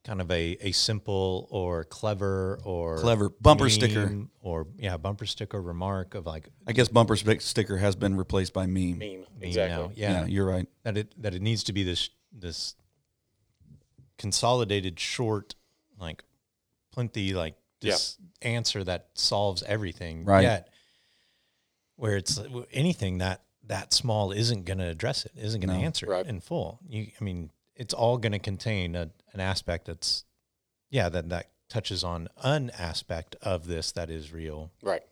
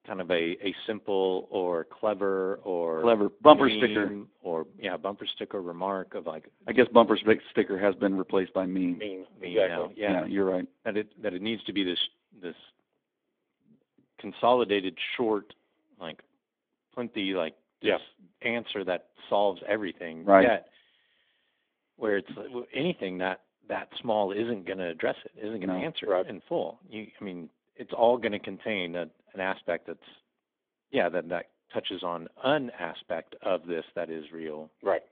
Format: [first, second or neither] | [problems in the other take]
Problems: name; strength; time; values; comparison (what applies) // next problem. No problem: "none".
first | phone-call audio; nothing above 3.5 kHz